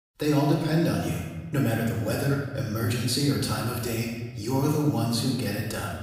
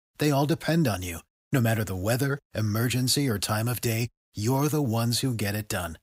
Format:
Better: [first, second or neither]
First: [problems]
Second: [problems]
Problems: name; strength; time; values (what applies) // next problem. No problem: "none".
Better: second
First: off-mic speech; somewhat distant // room echo; noticeable; dies away in 1.1 s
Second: none